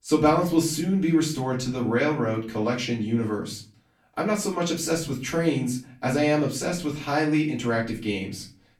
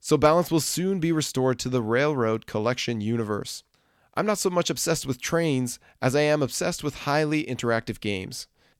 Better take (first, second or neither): second